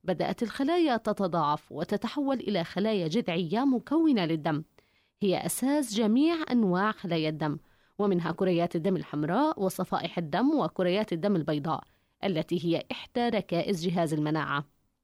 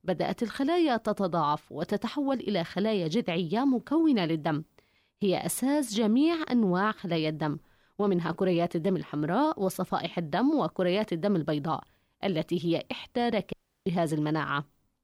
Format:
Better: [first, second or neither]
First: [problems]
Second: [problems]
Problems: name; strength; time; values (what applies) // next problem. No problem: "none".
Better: first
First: none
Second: audio cutting out; at 14 s